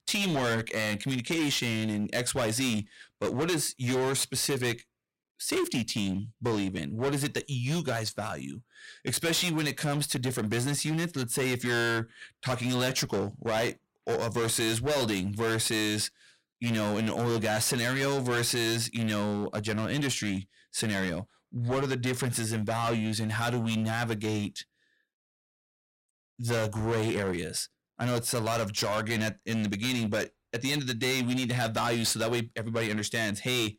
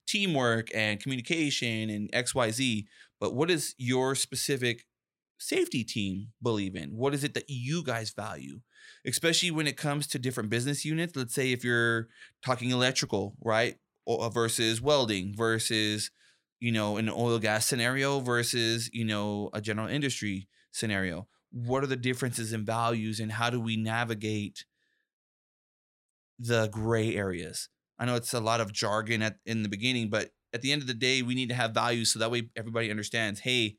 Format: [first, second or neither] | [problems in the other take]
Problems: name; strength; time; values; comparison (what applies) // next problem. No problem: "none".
second | distortion; heavy; 17% of the sound clipped